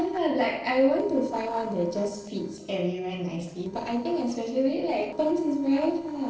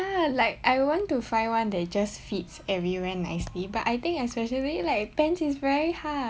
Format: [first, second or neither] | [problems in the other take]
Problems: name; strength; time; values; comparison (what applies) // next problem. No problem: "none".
second | noise reduction (neural separator model SepFormer DNS4)